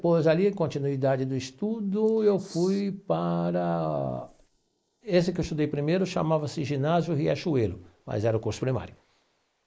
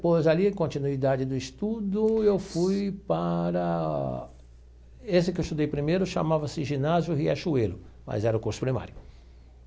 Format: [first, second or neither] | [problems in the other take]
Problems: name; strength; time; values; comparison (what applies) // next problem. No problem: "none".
second | noise reduction (neural mask model Resemble Enhance denoiser)